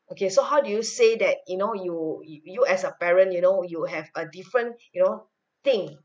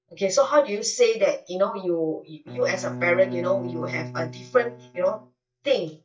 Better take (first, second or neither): first